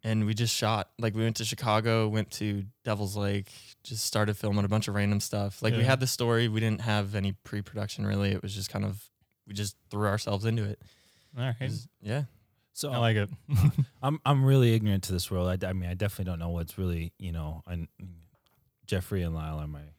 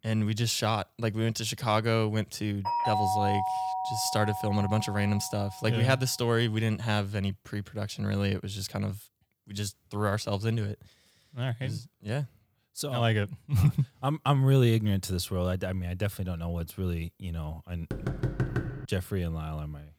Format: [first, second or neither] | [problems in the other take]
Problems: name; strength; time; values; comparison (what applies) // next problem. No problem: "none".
first | doorbell; loud; from 2.5 to 5.5 s; peak 2 dB above the speech // door banging; noticeable; at 18 s; peak 1 dB below the speech